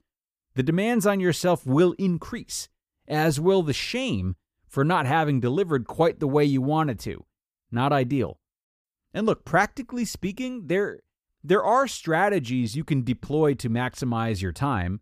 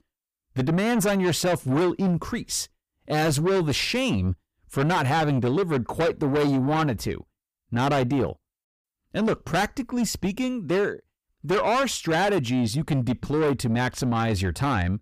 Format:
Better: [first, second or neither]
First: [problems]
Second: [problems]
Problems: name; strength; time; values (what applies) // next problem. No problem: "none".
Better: first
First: none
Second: distortion; heavy; 7 dB below the speech